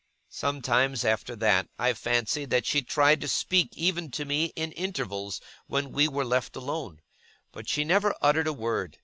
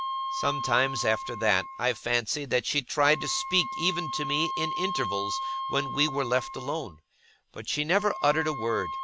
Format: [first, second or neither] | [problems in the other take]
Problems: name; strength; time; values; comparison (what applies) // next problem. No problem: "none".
first | background sound (Wind instrument, woodwind instrument); 6 dB below the speech